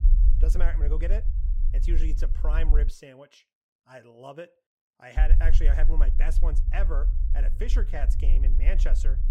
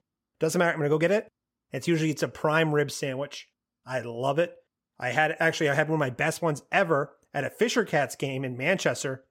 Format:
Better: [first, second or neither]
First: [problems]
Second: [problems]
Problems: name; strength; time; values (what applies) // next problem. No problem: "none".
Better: second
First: low rumble; loud; until 3 s and from 5 s on; 9 dB below the speech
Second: none